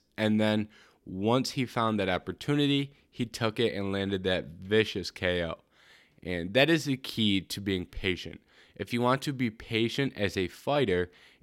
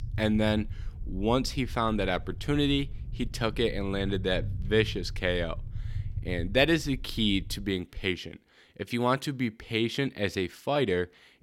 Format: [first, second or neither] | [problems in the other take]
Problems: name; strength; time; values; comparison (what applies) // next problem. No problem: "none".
first | low rumble; faint; until 7.5 s; 25 dB below the speech